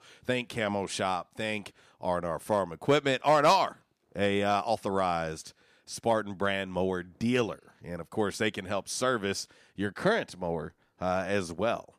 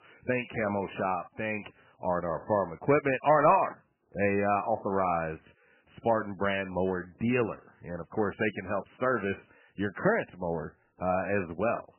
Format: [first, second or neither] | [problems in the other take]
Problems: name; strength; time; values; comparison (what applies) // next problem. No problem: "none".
first | garbled, watery; badly; nothing above 2.5 kHz